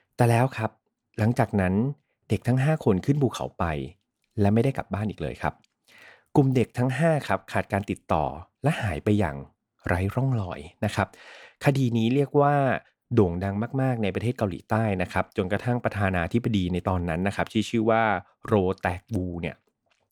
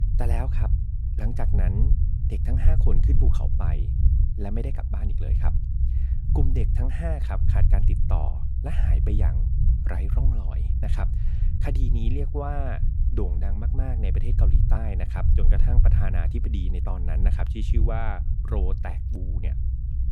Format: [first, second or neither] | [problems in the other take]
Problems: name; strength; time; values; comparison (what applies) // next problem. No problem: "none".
first | low rumble; loud; throughout; 4 dB below the speech